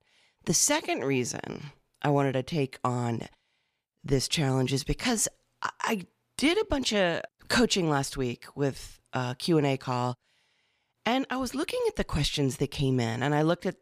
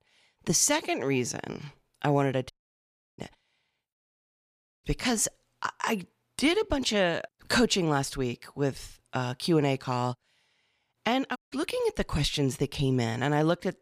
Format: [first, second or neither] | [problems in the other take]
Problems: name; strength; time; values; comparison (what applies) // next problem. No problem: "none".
first | audio cutting out; at 2.5 s for 0.5 s, at 4 s for 1 s and at 11 s